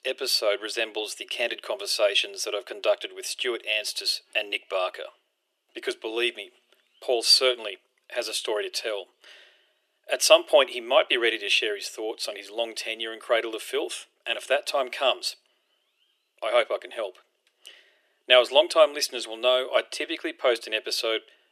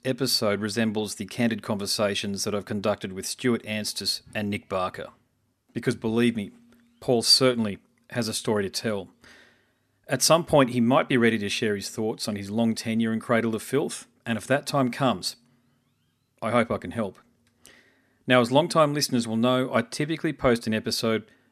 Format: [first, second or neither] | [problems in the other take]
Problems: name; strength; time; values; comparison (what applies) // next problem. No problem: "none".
second | thin; very; fading below 350 Hz